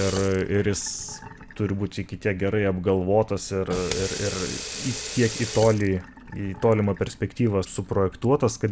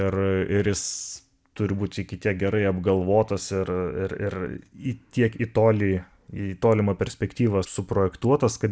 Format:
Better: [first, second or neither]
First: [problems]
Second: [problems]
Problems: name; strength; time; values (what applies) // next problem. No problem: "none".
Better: second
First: background sound (Sink (filling or washing) / Water tap, faucet); 13 dB below the speech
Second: none